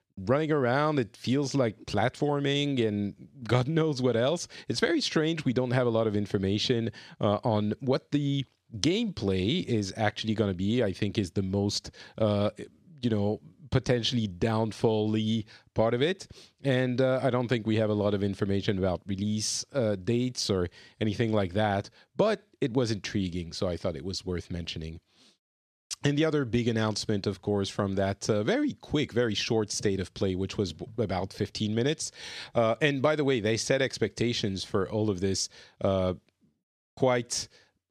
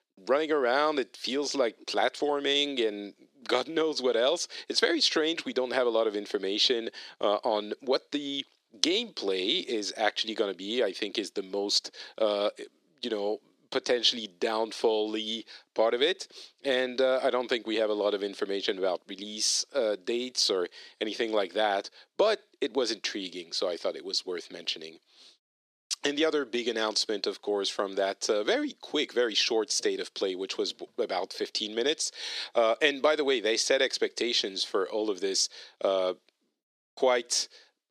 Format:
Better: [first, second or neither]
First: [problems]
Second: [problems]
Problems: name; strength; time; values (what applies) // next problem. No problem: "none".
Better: first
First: none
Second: thin; somewhat; fading below 350 Hz